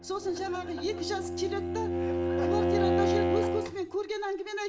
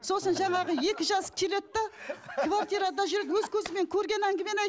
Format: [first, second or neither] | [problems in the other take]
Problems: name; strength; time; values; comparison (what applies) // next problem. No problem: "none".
second | background sound (Bowed string instrument); 4 dB above the speech // room echo; dies away in 1.1 s